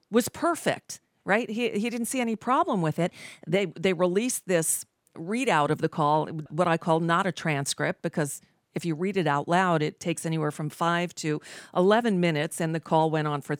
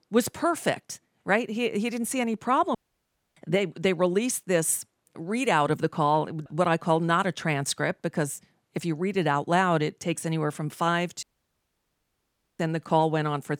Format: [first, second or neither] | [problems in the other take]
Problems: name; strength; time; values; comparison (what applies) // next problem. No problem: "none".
first | audio cutting out; at 3 s for 0.5 s and at 11 s for 1.5 s